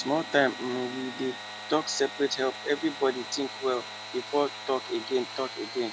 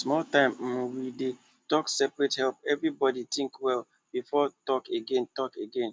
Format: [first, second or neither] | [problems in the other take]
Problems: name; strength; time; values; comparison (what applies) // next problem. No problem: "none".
second | background sound (Sawing / Engine); 10 dB below the speech